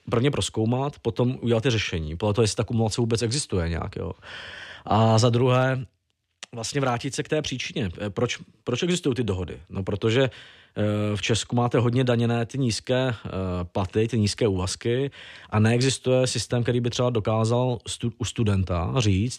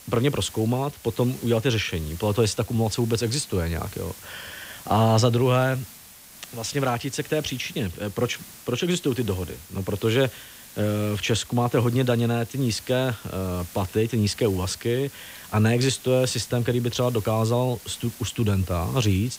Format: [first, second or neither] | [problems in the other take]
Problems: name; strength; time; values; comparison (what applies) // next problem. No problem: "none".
first | hiss; noticeable; throughout; 15 dB below the speech